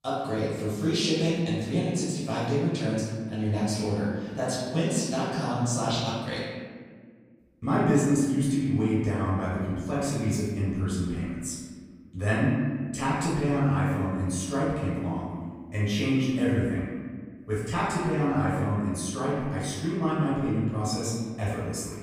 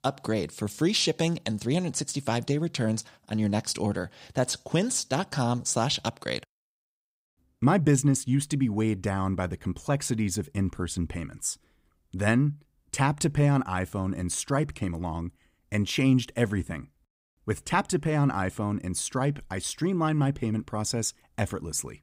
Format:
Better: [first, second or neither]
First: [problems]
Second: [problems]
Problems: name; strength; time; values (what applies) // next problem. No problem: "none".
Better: second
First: off-mic speech; far // room echo; strong; dies away in 1.5 s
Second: none